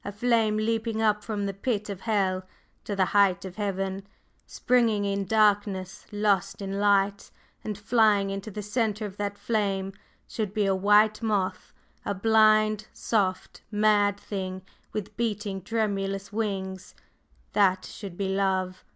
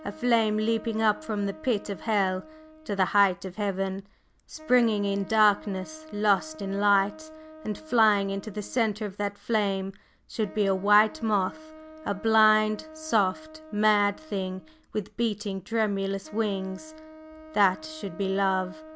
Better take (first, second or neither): first